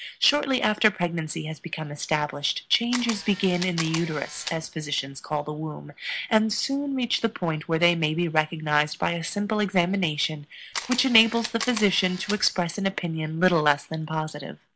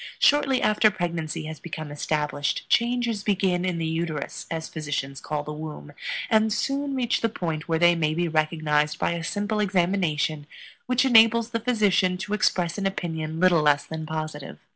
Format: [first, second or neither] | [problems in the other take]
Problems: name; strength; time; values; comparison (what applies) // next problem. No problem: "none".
second | background sound (Camera); 10 dB below the speech